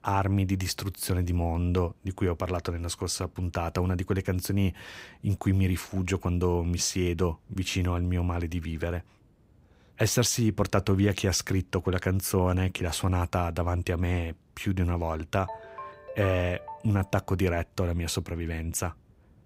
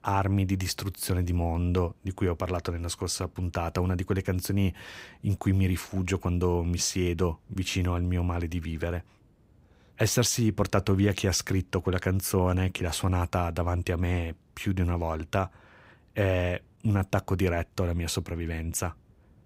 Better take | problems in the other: second | phone ringing; faint; from 15 to 17 s; peak 10 dB below the speech

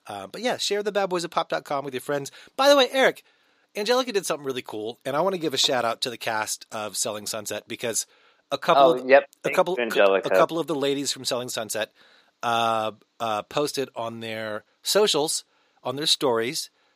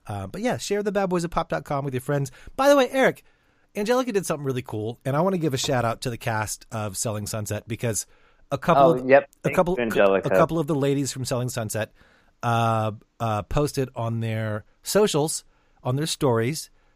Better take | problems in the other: second | thin; somewhat; fading below 300 Hz

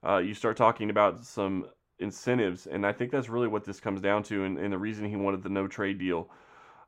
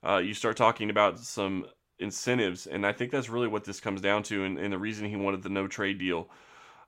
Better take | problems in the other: second | muffled; slightly; fading above 2 kHz

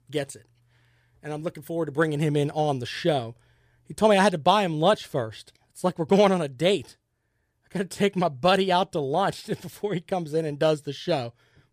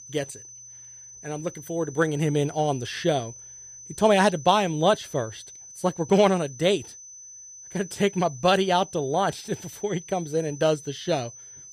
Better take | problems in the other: first | high-pitched whine; noticeable; throughout; 6 kHz, 15 dB below the speech

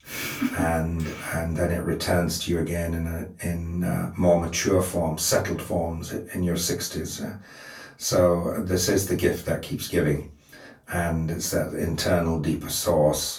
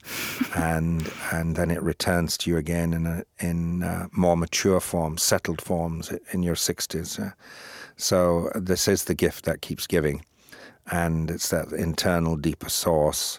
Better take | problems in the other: second | off-mic speech; far // room echo; very slight; dies away in 0.3 s

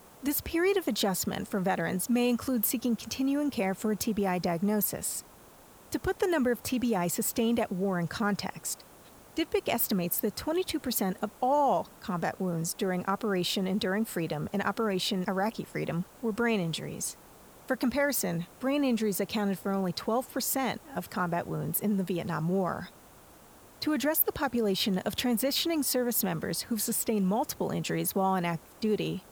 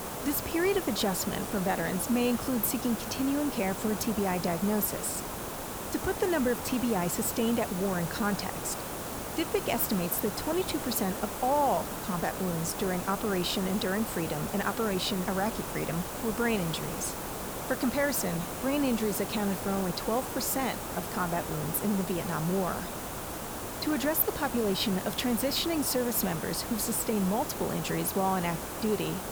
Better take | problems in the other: first | hiss; loud; throughout; 5 dB below the speech; faint in the first

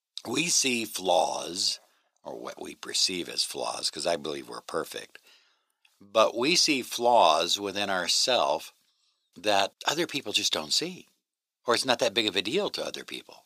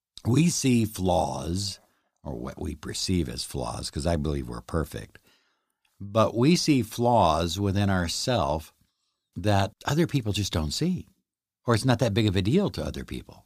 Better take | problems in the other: second | thin; very; fading below 500 Hz

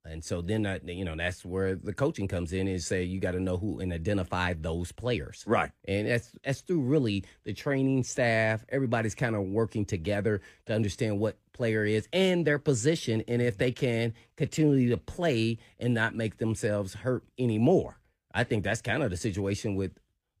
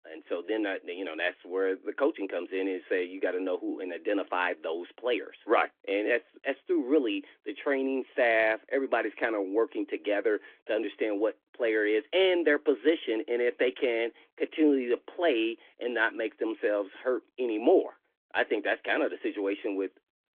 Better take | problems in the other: first | phone-call audio; nothing above 3.5 kHz

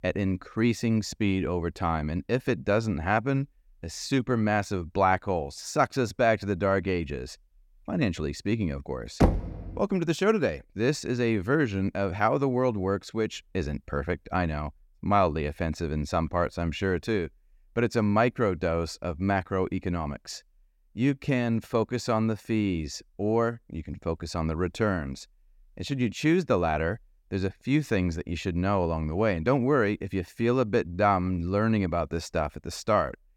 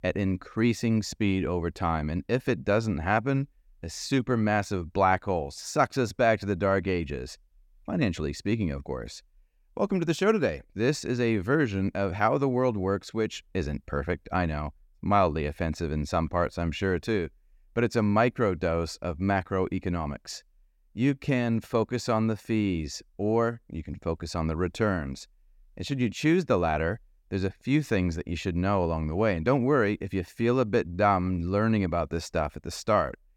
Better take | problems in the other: second | door banging; loud; at 9 s; peak 2 dB above the speech

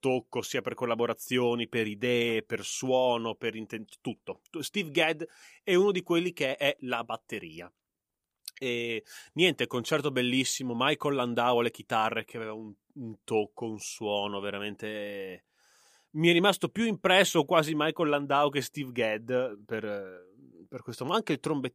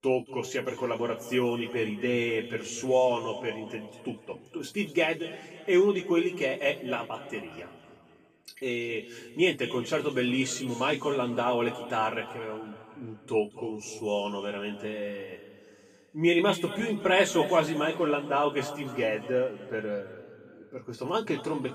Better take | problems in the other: first | room echo; noticeable; dies away in 2.1 s // off-mic speech; far

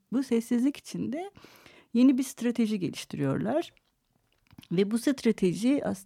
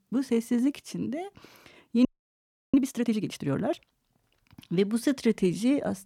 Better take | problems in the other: first | audio freezing; at 2 s for 0.5 s

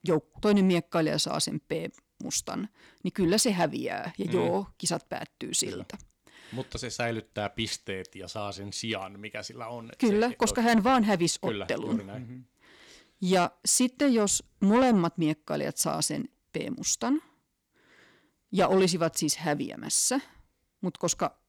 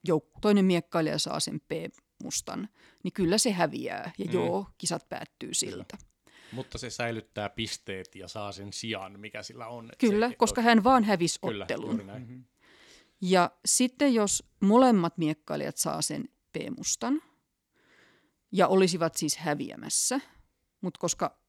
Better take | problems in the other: second | distortion; slight; 10 dB below the speech

